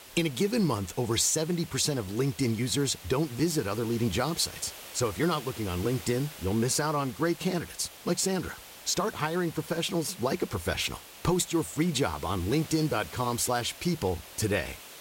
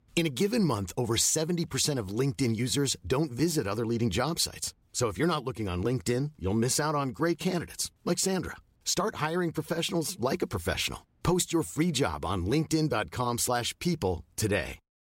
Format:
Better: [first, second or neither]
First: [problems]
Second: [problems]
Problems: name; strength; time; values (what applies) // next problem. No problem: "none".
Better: second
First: hiss; noticeable; throughout; 15 dB below the speech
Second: none